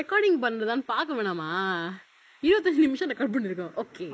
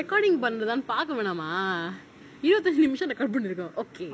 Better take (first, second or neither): second